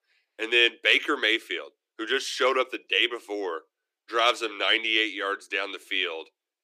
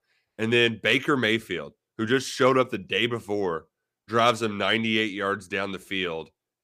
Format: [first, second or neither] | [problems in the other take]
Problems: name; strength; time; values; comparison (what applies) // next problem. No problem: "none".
second | thin; very; fading below 300 Hz